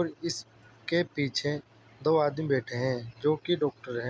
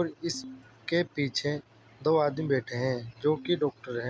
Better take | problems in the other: first | background sound (Ringtone); 18 dB below the speech

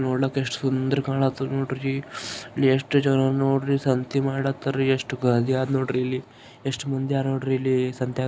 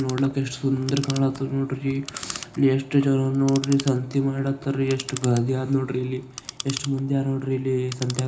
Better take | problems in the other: first | background sound (Clock); 15 dB below the speech // room echo; dies away in 0.4 s

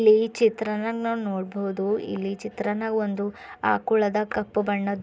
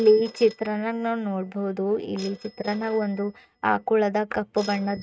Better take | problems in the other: first | noise reduction (neural mask model RNNoise)

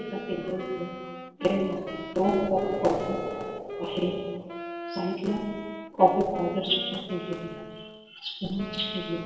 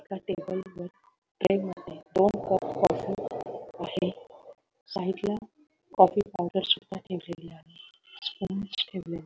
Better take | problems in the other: second | background sound (Wind instrument, woodwind instrument); 10 dB below the speech // room echo; dies away in 1.3 s

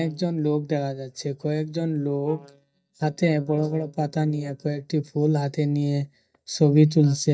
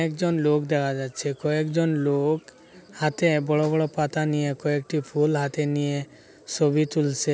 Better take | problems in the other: second | noise reduction (neural mask model DeepFilterNet 3)

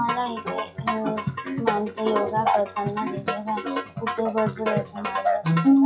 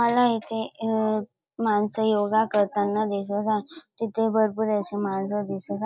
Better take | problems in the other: second | noise reduction (classical method log-MMSE)

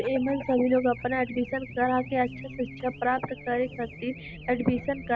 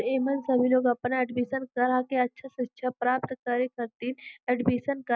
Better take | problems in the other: second | background sound (Race car, auto racing / Alarm); 14 dB below the speech

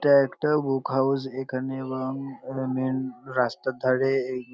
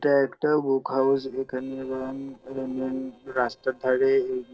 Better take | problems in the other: first | noise reduction (neural separator model SepFormer DNS4)

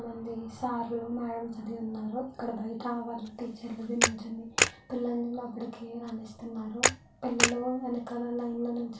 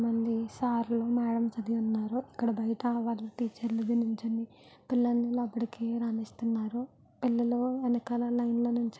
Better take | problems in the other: second | background sound (Camera); 3 dB above the speech // room echo; dies away in 0.2 s

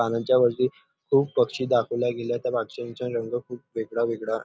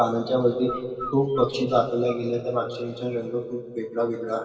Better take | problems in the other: first | background sound (Bird); 12 dB below the speech // room echo; dies away in 2.1 s

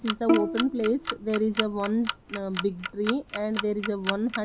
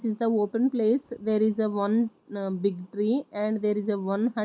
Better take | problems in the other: second | background sound (Clock + Bowed string instrument); 4 dB below the speech

